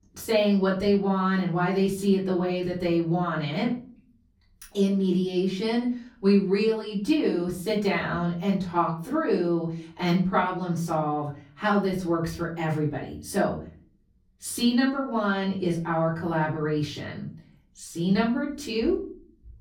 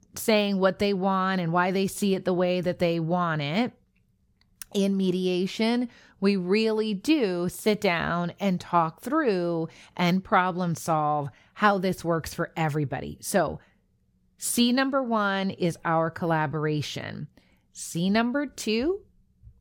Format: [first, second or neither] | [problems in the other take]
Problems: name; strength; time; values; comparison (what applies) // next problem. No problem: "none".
second | room echo; slight; dies away in 0.4 s // off-mic speech; far